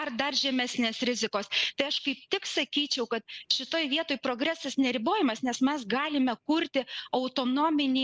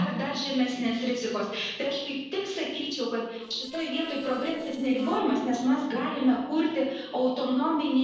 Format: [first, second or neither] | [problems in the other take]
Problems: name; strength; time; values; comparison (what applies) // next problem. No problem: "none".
first | noise reduction (neural separator model SepFormer DNS4)